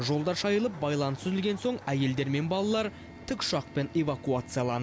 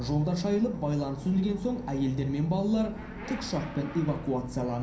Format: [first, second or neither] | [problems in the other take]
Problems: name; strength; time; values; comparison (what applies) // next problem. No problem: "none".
first | background sound (Motorcycle / Accelerating, revving, vroom); 14 dB below the speech // room echo; dies away in 0.6 s